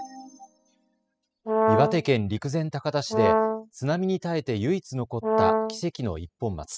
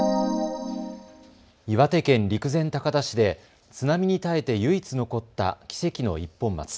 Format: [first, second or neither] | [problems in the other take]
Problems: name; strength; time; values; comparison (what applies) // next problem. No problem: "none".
second | noise reduction (classical method spectral subtraction)